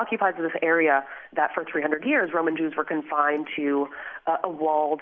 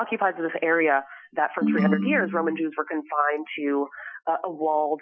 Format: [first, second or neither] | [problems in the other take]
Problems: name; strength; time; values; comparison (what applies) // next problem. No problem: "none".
first | noise reduction (classical method Wiener filter)